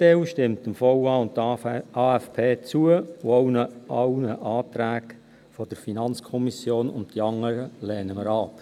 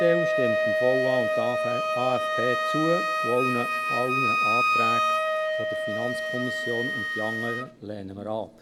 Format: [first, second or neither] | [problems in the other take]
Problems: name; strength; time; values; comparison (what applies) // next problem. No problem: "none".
first | background sound (Wind instrument, woodwind instrument); 4 dB above the speech